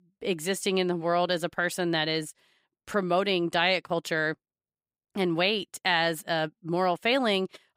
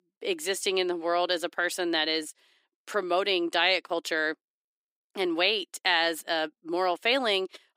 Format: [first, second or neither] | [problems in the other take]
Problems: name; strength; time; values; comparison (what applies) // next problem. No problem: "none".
first | thin; somewhat; fading below 300 Hz